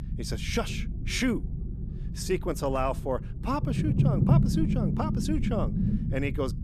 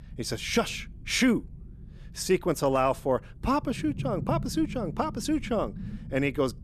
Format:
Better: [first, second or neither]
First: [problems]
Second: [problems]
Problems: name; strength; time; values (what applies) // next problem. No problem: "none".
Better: second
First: low rumble; loud; throughout; 6 dB below the speech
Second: low rumble; faint; throughout; 20 dB below the speech